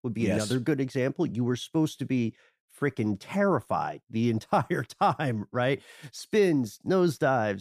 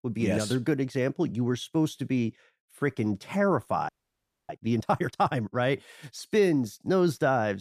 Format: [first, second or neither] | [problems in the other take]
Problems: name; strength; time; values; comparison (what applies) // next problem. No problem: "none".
first | audio freezing; at 4 s for 0.5 s